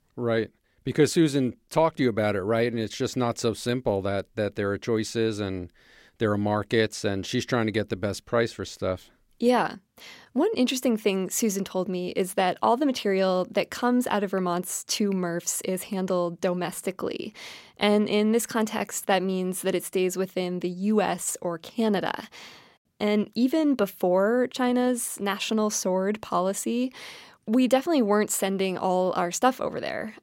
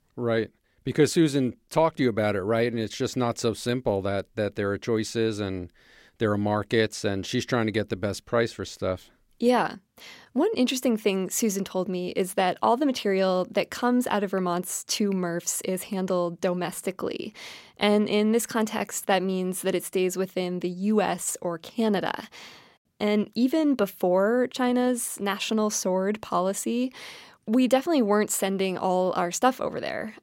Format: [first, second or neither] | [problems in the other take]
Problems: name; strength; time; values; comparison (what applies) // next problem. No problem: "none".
neither | none